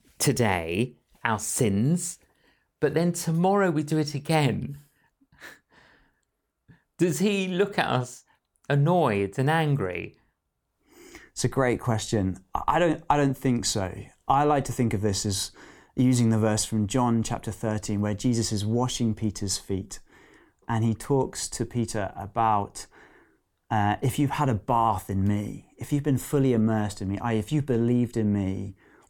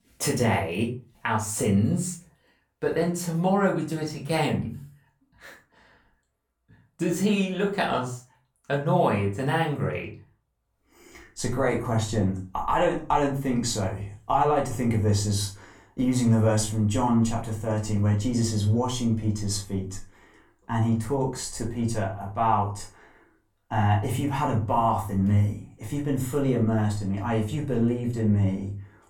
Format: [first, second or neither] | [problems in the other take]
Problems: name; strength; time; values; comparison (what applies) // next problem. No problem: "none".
first | off-mic speech; far // room echo; slight; dies away in 0.3 s